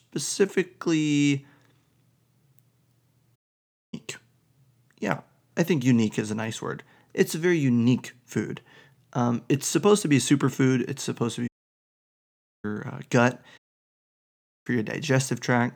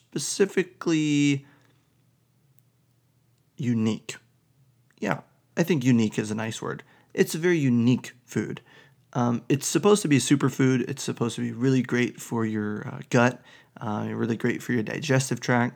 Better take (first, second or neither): second